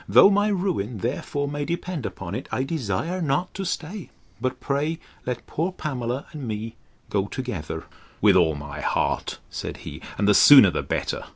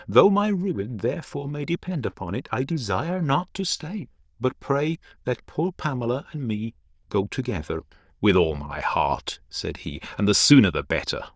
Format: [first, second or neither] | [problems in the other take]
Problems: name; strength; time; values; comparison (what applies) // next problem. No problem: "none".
first | noise reduction (neural diffusion model UNIVERSE++)